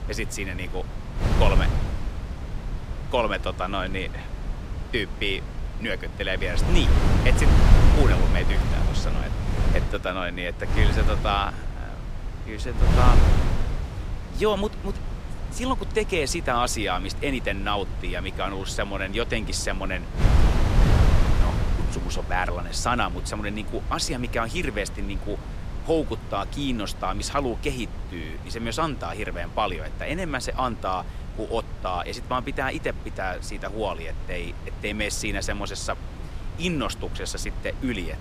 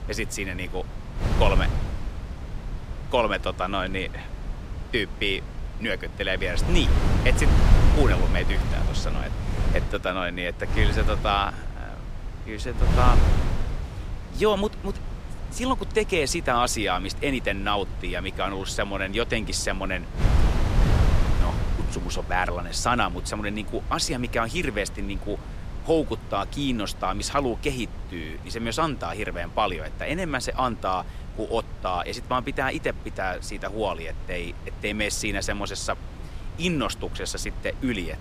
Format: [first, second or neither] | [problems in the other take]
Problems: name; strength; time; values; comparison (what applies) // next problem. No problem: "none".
second | wind noise on the microphone; heavy; 8 dB below the speech; occasional gusts in the second